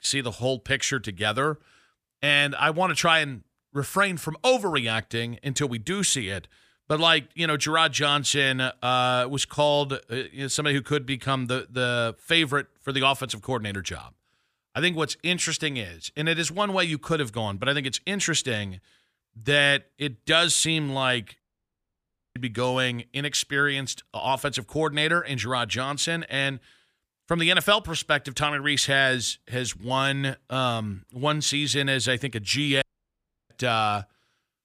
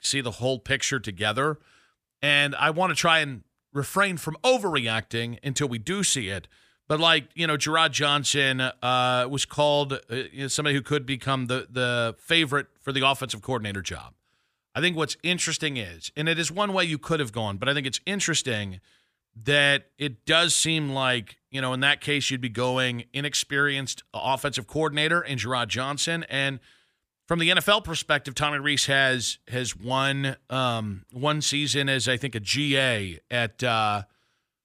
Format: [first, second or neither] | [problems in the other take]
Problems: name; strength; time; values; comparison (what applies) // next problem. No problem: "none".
second | audio cutting out; at 21 s for 1 s and at 33 s for 0.5 s